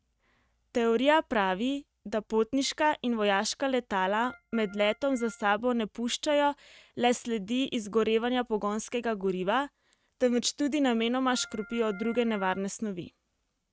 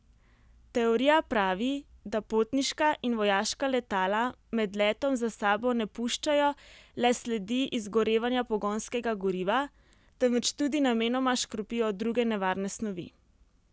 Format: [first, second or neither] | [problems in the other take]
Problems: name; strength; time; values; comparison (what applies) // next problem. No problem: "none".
second | noise reduction (neural mask model RNNoise)